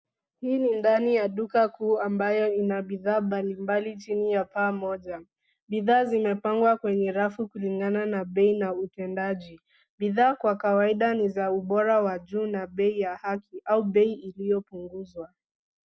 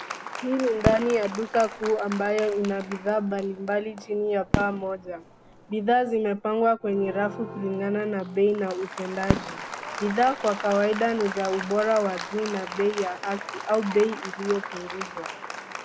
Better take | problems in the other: first | background sound (Applause + Fireworks); 9 dB below the speech

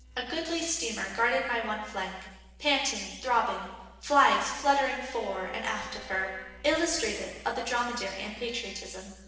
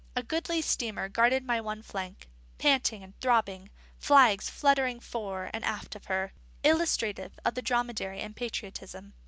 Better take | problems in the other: second | noise reduction (neural separator model SepFormer DNS4)

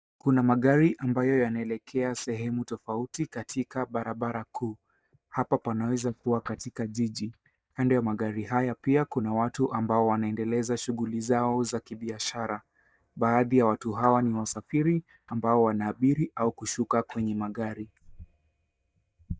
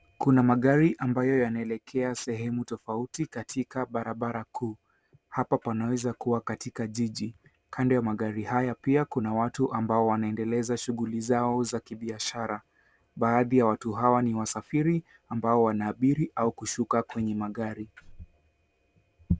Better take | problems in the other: second | noise reduction (neural mask model DeepFilterNet 3)

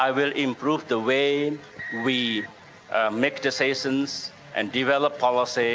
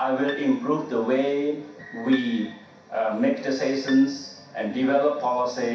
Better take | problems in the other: first | background sound (Piano); 19 dB below the speech // room echo; dies away in 0.6 s

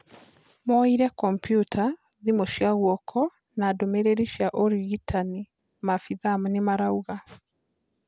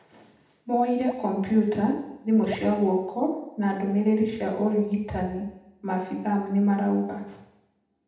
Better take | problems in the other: first | background sound (Raindrop / Drip); 14 dB below the speech // room echo; dies away in 0.8 s

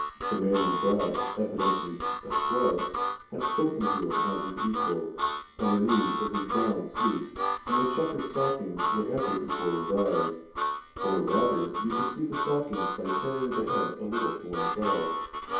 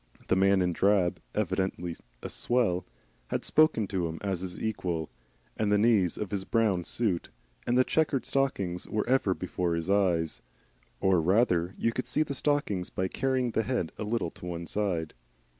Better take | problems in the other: second | background sound (Harmonica); 1 dB below the speech // room echo; dies away in 0.7 s

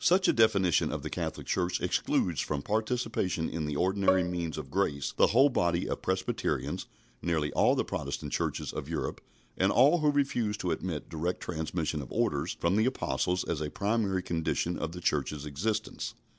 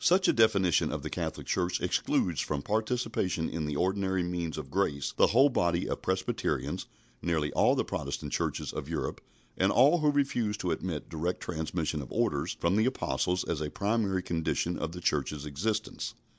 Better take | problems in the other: second | background sound (Bowed string instrument); 6 dB below the speech

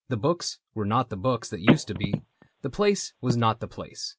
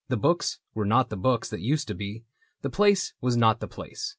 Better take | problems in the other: second | background sound (Telephone); 1 dB below the speech

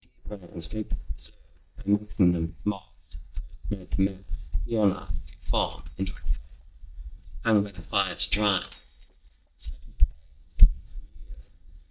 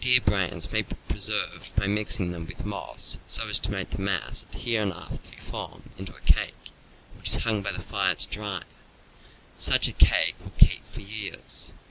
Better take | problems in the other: second | noise reduction (neural mask model DeepFilterNet 3)

